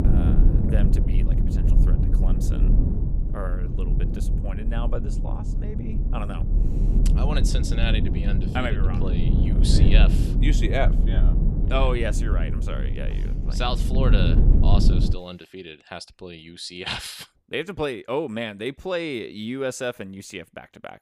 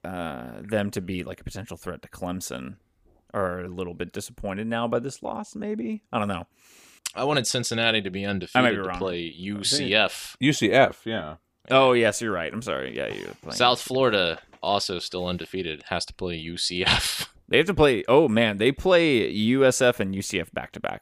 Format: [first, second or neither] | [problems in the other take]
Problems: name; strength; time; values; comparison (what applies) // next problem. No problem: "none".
second | low rumble; loud; until 15 s; 5 dB below the speech